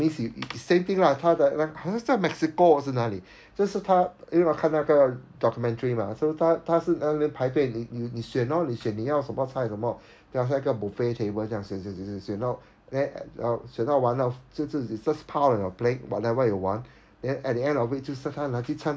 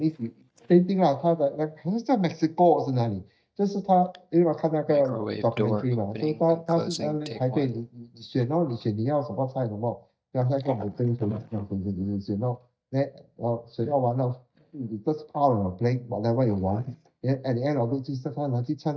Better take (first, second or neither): first